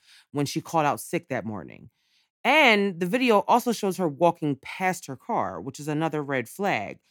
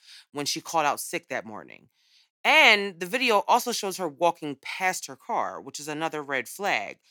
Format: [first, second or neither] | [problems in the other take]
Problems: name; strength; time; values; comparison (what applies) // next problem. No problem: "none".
first | thin; somewhat; fading below 800 Hz